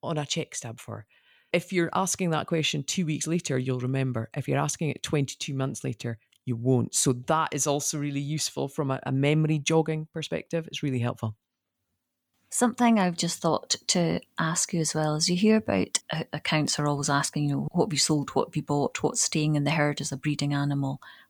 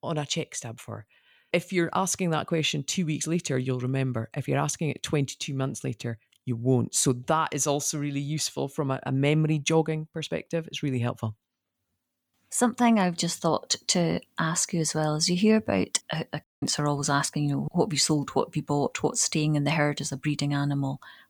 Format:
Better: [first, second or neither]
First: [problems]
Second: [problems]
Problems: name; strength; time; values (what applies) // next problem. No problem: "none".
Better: first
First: none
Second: audio cutting out; at 16 s